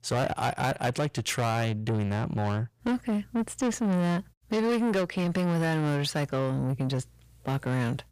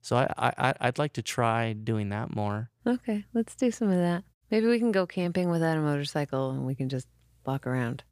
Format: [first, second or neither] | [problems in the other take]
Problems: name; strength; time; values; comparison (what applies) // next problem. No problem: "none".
second | distortion; heavy; 8 dB below the speech